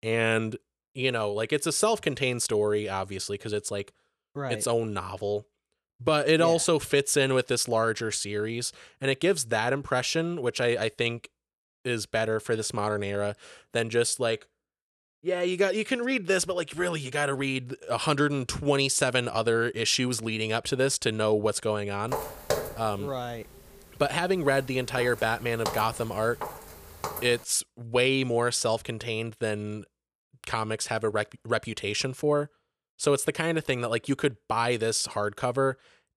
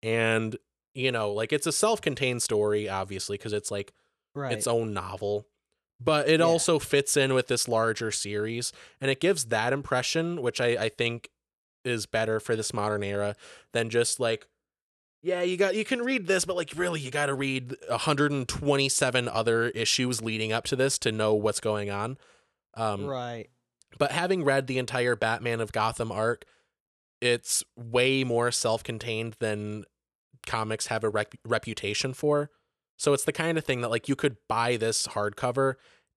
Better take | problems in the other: second | footsteps; noticeable; from 22 to 27 s; peak 3 dB below the speech

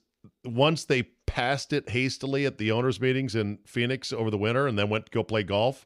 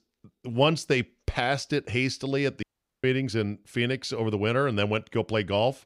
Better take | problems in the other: first | audio cutting out; at 2.5 s

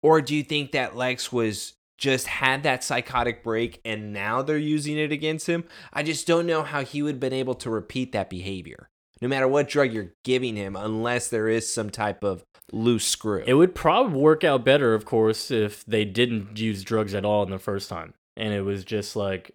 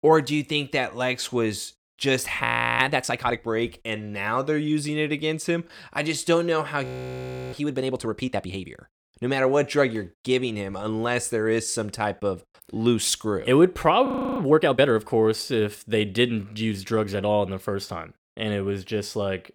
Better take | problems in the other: first | audio freezing; at 2.5 s, at 7 s for 0.5 s and at 14 s

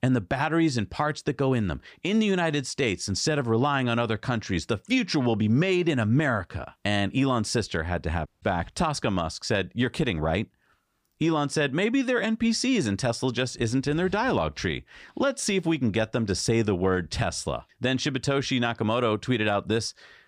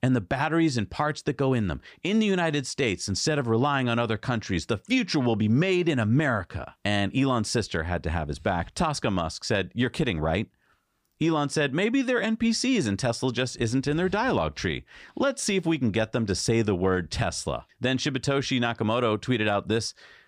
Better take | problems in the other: second | audio cutting out; at 8.5 s

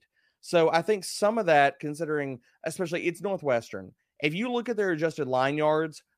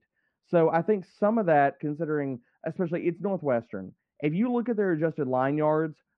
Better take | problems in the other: first | muffled; very; fading above 1.5 kHz

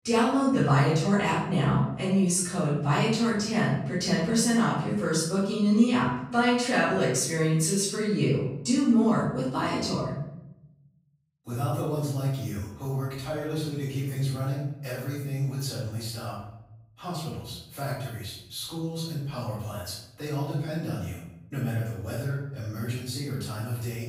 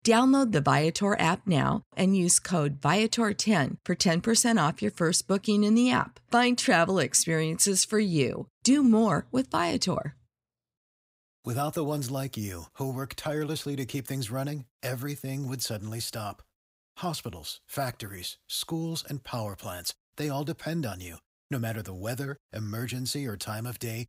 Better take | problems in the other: second | off-mic speech; far // room echo; noticeable; dies away in 0.7 s

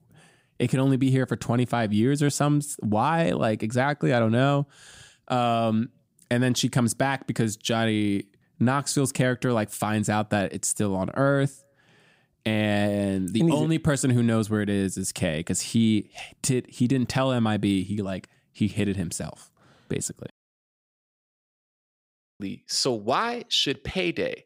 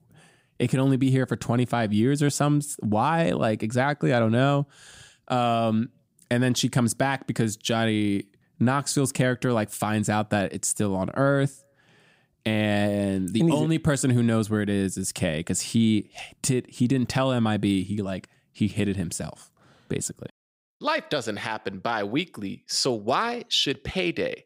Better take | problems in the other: second | audio cutting out; at 21 s for 2 s

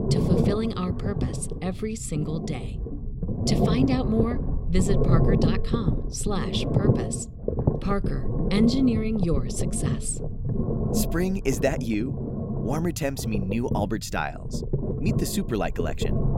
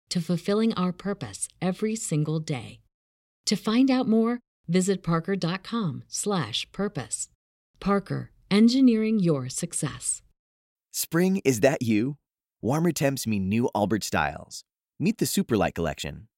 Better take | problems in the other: second | low rumble; loud; throughout; 3 dB below the speech

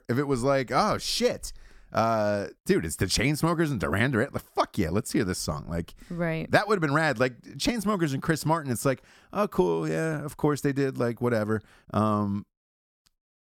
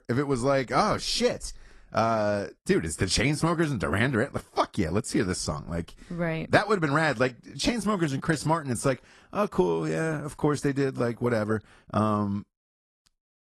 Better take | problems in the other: first | garbled, watery; slightly

